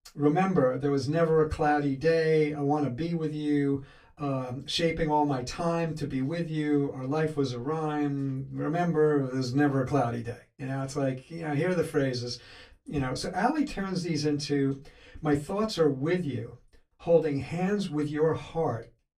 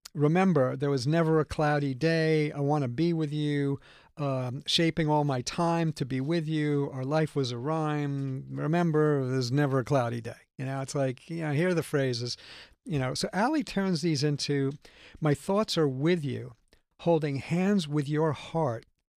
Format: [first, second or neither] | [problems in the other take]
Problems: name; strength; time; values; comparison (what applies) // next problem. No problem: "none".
second | off-mic speech; far // room echo; very slight; dies away in 0.2 s